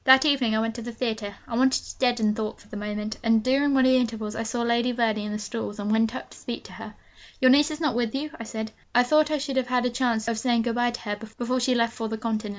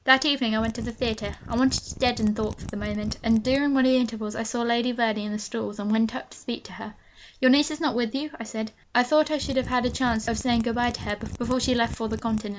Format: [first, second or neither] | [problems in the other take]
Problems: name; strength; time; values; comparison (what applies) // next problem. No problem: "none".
first | background sound (Mechanisms); 11 dB below the speech